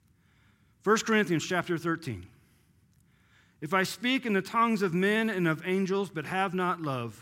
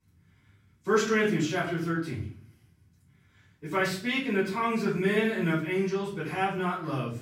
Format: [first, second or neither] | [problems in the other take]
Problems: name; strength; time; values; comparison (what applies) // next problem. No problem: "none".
first | off-mic speech; far // room echo; noticeable; dies away in 0.4 s